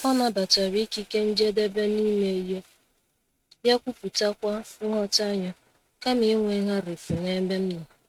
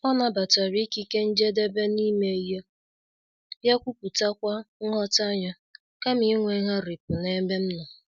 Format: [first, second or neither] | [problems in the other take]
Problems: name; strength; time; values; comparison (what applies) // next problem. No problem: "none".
second | noise reduction (neural mask model RNNoise)